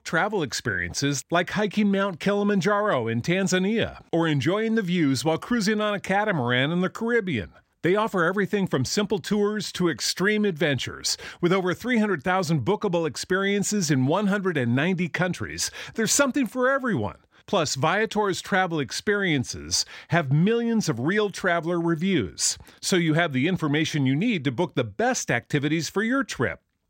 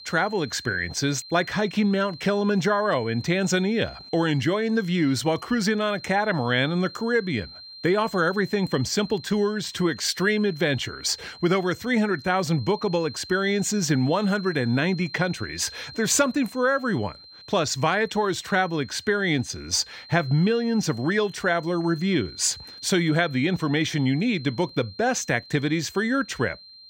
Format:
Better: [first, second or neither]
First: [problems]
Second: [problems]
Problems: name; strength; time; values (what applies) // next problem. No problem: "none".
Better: first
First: none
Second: high-pitched whine; noticeable; throughout; 4 kHz, 20 dB below the speech